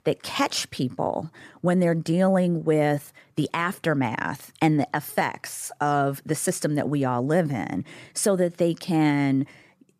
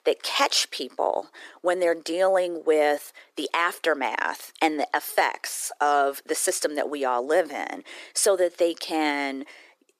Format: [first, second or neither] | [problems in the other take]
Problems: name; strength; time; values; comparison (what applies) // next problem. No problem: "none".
first | thin; very; fading below 350 Hz